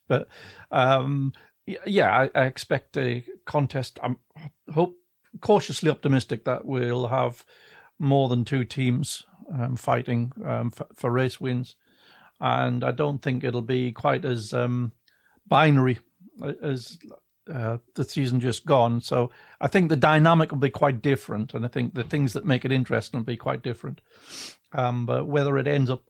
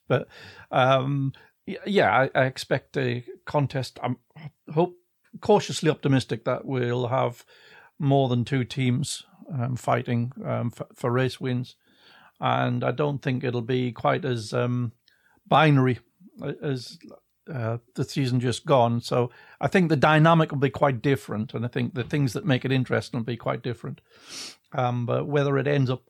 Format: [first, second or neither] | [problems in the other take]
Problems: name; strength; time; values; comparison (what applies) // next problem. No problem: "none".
second | garbled, watery; slightly; nothing above 18.5 kHz